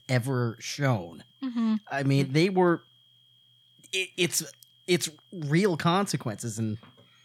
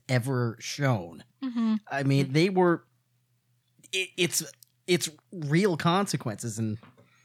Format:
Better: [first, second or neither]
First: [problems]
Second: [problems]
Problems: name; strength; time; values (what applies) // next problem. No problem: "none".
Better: second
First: high-pitched whine; faint; throughout; 3 kHz, 30 dB below the speech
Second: none